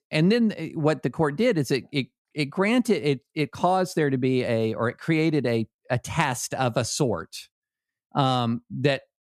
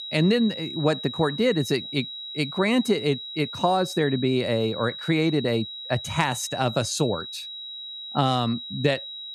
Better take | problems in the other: first | high-pitched whine; loud; throughout; 4 kHz, 9 dB below the speech

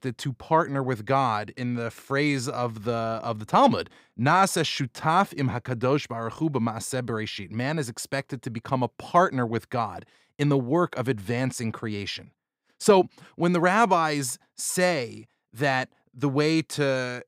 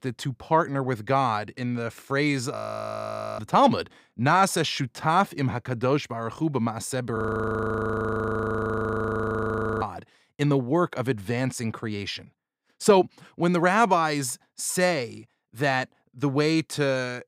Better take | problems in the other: first | audio freezing; at 2.5 s for 1 s and at 7 s for 2.5 s

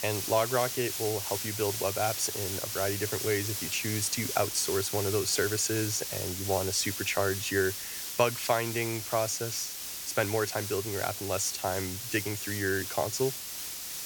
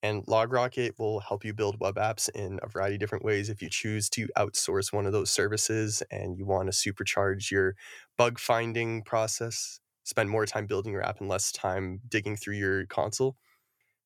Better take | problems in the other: second | hiss; loud; throughout; 3 dB below the speech

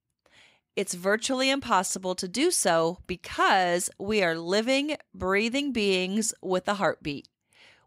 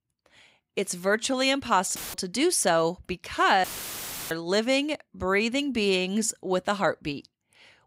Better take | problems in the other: first | audio cutting out; filled with static; at 2 s and at 3.5 s for 0.5 s

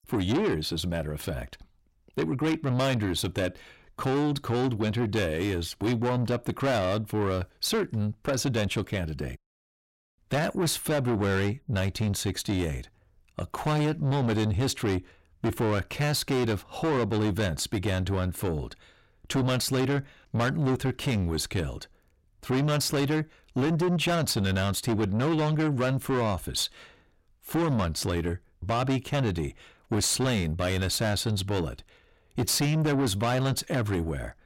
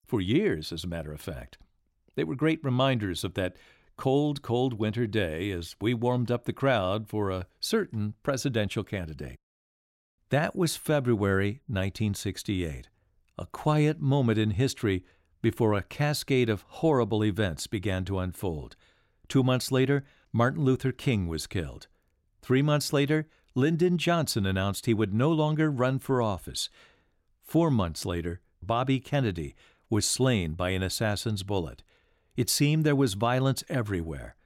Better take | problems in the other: second | distortion; heavy; 7 dB below the speech

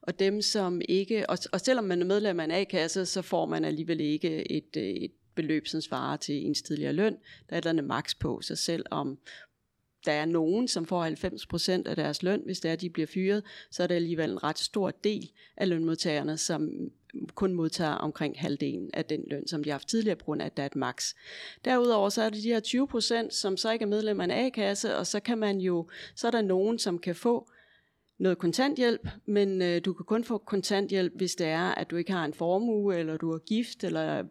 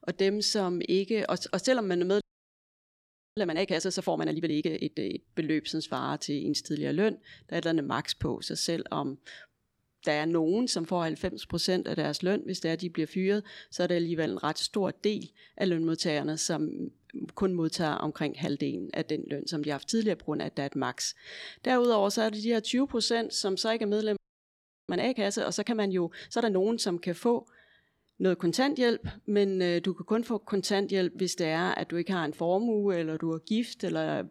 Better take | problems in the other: first | audio freezing; at 2 s for 1 s and at 24 s for 0.5 s

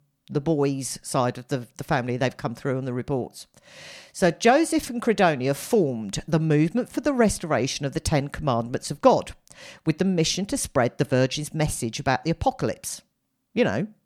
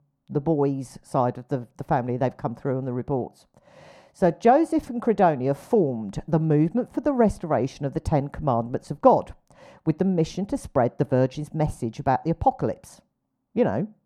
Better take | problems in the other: first | muffled; very; fading above 1.5 kHz

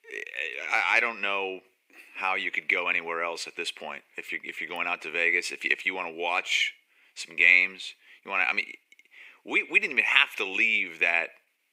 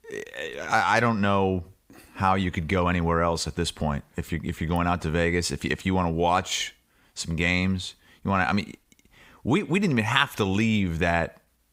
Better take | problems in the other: second | thin; very; fading below 350 Hz

